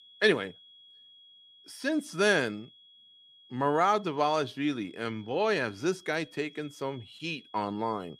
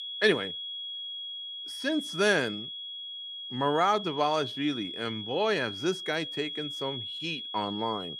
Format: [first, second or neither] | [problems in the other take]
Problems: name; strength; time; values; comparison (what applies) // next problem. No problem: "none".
first | high-pitched whine; loud; throughout; 3.5 kHz, 6 dB below the speech; faint in the first